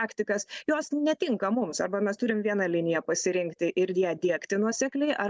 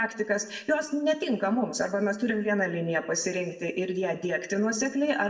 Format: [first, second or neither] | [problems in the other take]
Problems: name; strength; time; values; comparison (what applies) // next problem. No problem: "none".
first | room echo; dies away in 0.8 s